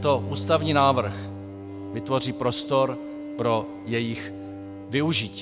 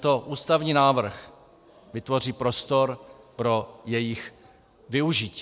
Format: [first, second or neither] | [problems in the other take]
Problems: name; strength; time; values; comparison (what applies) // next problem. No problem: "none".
second | background sound (Bowed string instrument); 8 dB below the speech